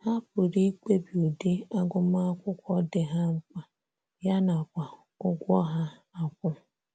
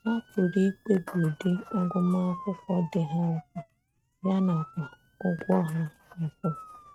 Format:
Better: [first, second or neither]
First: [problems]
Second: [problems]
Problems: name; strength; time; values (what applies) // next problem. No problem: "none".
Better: first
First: none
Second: noise reduction (neural mask model RNNoise)